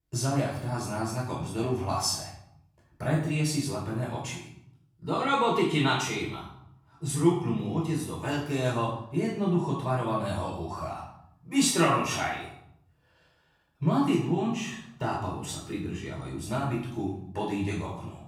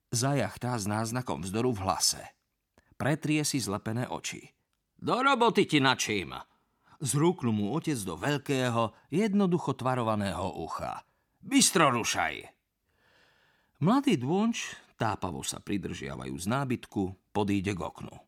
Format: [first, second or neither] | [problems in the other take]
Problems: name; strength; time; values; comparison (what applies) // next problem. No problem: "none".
second | off-mic speech; far // room echo; noticeable; dies away in 0.7 s